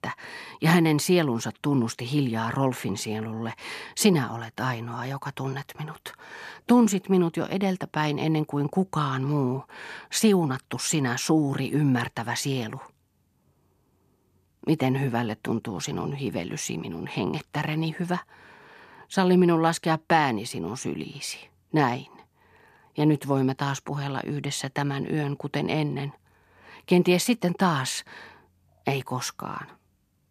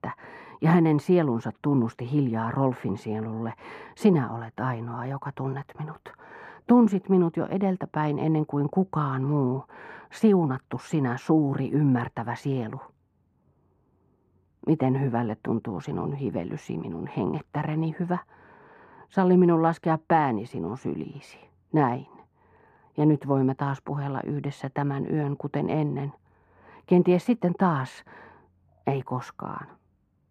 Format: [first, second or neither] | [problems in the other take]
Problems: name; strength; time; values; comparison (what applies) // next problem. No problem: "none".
first | muffled; very; fading above 2.5 kHz